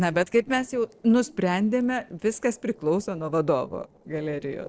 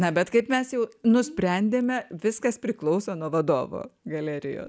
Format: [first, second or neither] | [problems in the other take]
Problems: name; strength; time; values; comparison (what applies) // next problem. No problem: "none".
second | noise reduction (neural separator model SepFormer DNS4)